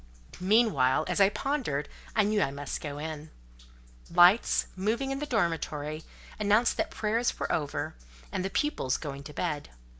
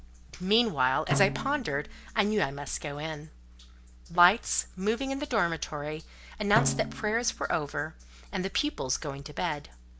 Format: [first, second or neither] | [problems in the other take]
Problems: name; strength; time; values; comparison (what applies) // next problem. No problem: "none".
first | background sound (Snare drum); 8 dB below the speech